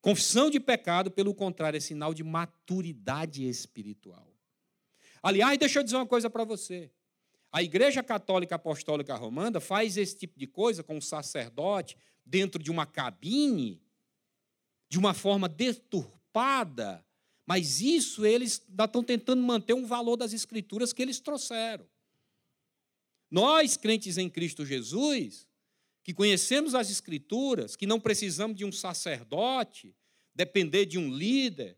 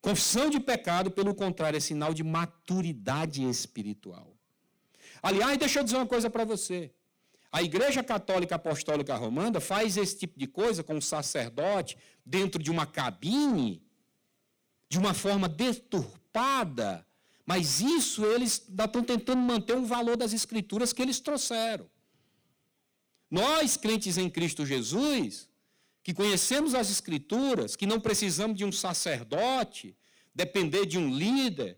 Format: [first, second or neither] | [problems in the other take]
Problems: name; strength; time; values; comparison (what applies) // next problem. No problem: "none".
first | distortion; heavy; 7 dB below the speech